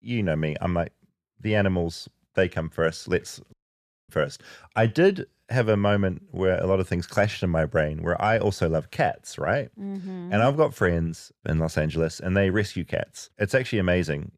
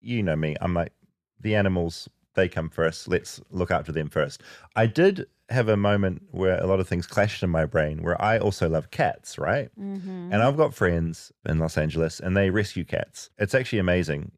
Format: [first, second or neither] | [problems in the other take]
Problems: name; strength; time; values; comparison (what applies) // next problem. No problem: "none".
second | audio cutting out; at 3.5 s for 0.5 s